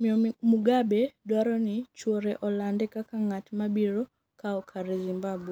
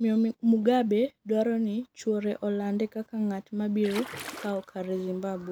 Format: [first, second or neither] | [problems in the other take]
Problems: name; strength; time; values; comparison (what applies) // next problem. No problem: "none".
first | background sound (Splash, splatter); 13 dB below the speech